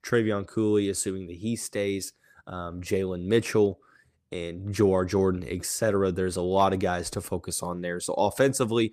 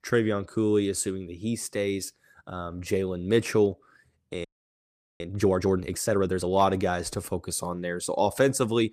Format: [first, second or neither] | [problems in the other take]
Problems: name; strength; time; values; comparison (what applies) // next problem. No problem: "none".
first | audio freezing; at 4.5 s for 1 s